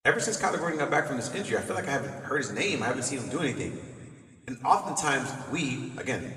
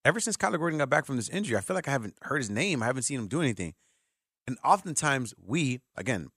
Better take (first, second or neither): second